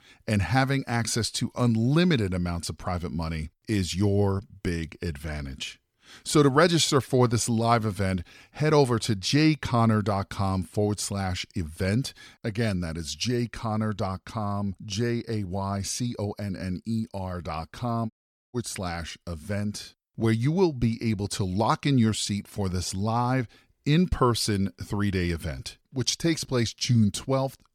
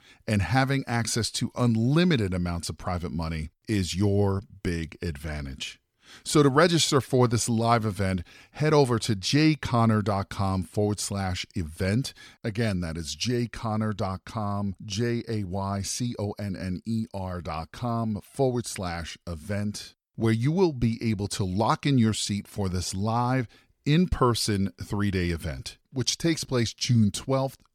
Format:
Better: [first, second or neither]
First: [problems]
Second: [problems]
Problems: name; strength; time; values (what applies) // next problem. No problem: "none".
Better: second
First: audio cutting out; at 18 s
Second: none